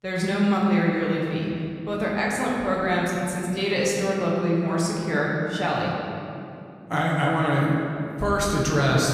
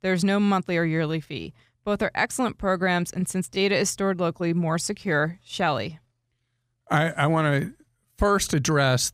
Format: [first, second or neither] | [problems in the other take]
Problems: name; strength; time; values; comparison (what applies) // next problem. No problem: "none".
second | room echo; noticeable; dies away in 2.5 s // off-mic speech; far